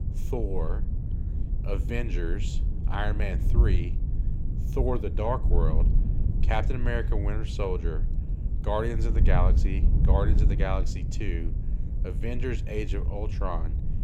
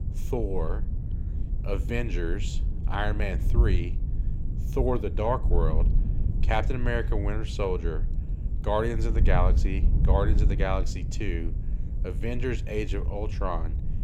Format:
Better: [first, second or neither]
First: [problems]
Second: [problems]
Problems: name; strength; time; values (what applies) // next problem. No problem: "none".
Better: second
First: wind noise on the microphone; heavy; 10 dB below the speech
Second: wind noise on the microphone; occasional gusts; 15 dB below the speech